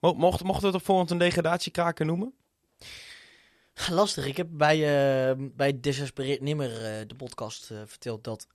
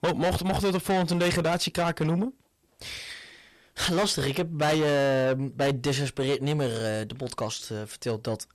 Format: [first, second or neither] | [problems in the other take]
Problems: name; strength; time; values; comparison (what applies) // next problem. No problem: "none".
first | distortion; heavy; 6 dB below the speech